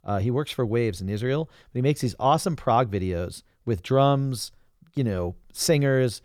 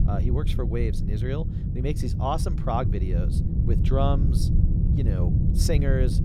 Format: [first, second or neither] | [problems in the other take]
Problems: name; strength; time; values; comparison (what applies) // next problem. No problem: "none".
first | low rumble; loud; throughout; 6 dB below the speech